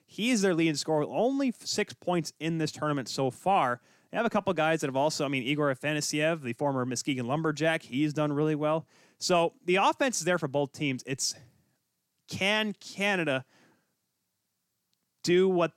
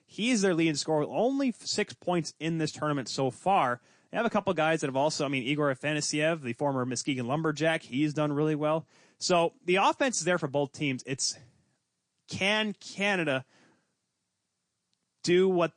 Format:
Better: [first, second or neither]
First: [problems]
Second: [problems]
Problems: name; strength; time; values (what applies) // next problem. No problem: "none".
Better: first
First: none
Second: garbled, watery; slightly; nothing above 8.5 kHz